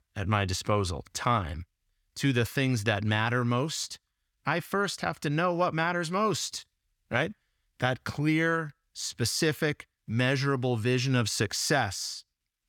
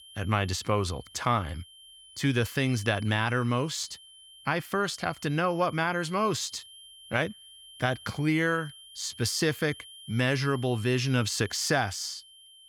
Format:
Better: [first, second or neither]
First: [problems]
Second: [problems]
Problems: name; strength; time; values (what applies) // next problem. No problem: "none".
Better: first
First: none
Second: high-pitched whine; noticeable; throughout; 3 kHz, 20 dB below the speech